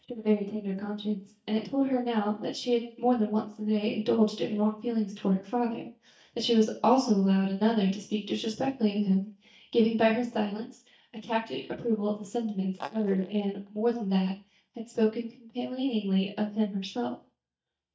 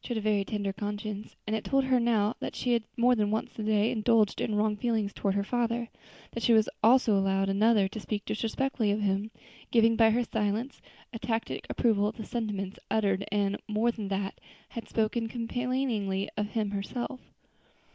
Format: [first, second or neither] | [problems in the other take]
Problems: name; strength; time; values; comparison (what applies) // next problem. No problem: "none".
second | noise reduction (neural mask model DeepFilterNet 3)